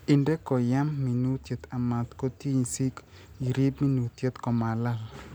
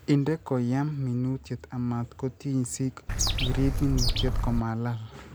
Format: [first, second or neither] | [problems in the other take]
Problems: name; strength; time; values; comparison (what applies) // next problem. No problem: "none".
first | background sound (Bird); 2 dB above the speech